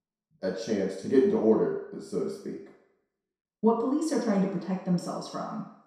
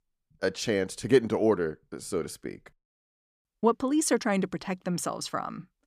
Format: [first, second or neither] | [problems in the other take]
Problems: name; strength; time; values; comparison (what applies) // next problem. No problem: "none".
second | room echo; noticeable; dies away in 0.7 s // off-mic speech; far